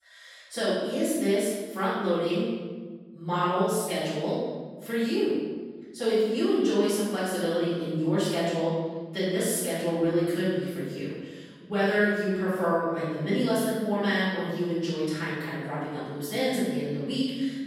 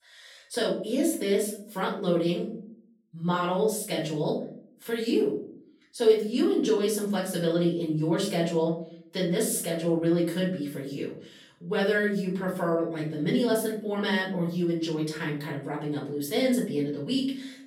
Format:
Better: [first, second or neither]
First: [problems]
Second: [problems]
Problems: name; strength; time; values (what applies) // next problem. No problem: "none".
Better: second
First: room echo; strong; dies away in 1.4 s // off-mic speech; far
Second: room echo; slight; dies away in 0.5 s // off-mic speech; far